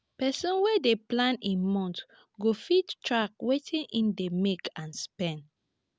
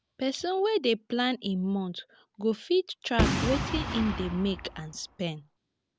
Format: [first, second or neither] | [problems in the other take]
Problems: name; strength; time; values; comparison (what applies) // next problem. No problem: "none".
first | background sound (Boom); 1 dB below the speech